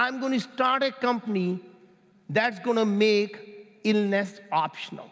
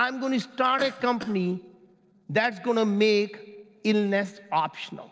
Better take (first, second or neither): first